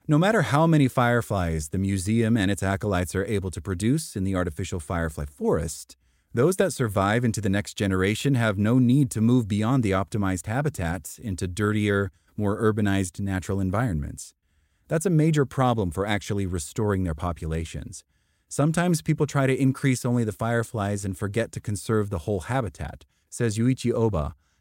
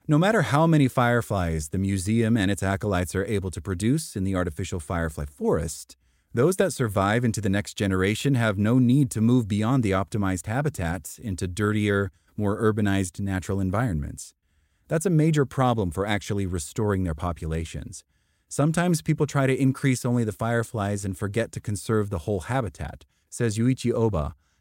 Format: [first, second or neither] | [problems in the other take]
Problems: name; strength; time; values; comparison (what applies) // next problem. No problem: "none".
neither | none